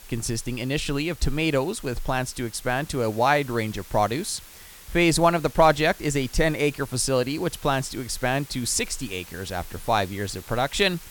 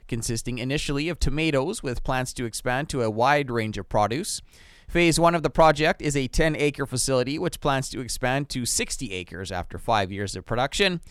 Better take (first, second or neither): second